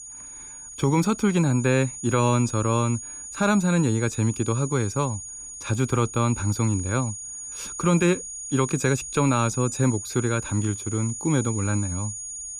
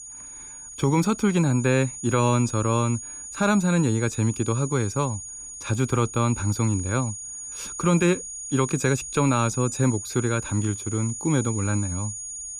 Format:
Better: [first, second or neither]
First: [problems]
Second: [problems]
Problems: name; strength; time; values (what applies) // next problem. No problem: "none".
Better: neither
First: high-pitched whine; loud; throughout; 6.5 kHz, 9 dB below the speech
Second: high-pitched whine; loud; throughout; 6.5 kHz, 9 dB below the speech